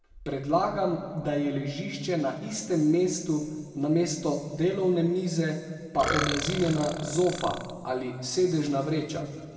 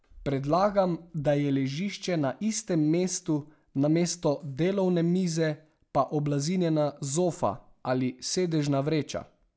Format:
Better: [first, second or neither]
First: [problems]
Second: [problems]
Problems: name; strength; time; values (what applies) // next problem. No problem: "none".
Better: second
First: background sound (Burping, eructation); 6 dB below the speech // room echo; dies away in 1.8 s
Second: none